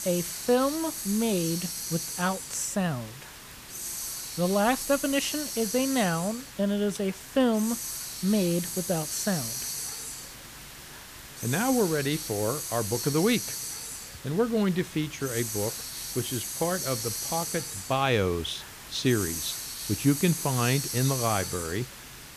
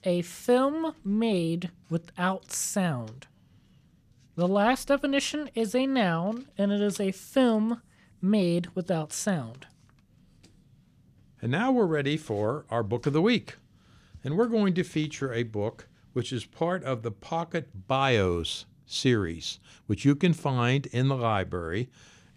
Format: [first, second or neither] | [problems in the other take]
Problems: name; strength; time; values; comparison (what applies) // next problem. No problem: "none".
second | hiss; loud; throughout; 5 dB below the speech